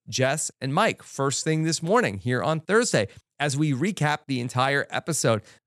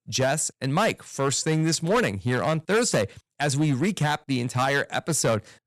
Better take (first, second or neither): first